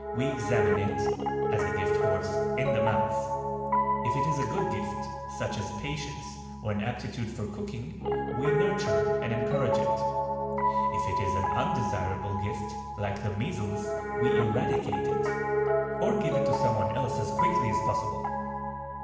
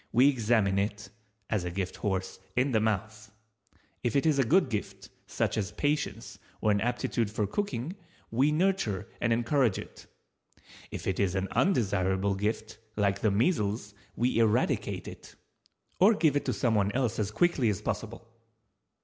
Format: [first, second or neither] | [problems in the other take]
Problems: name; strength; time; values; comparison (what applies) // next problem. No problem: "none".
second | background sound (Piano); 4 dB above the speech // room echo; dies away in 1.2 s